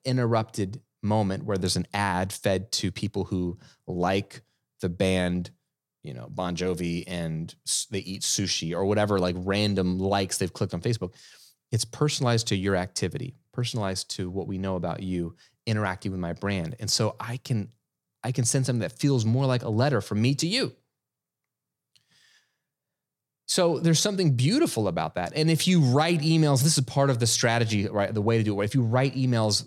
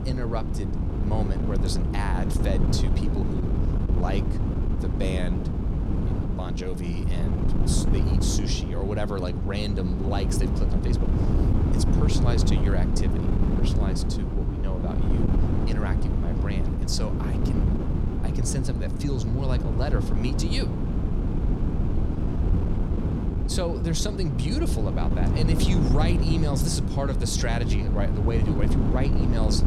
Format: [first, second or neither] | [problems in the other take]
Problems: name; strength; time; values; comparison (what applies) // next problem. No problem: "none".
first | wind noise on the microphone; heavy; 2 dB below the speech